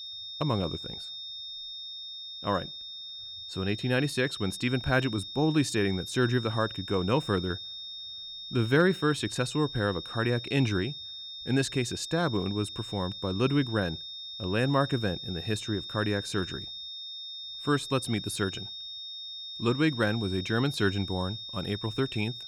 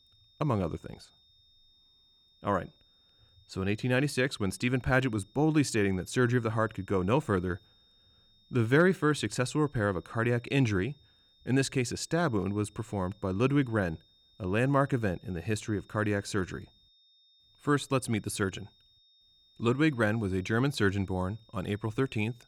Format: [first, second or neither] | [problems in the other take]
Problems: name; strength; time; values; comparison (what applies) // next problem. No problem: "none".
second | high-pitched whine; loud; throughout; 3.5 kHz, 8 dB below the speech; faint in the second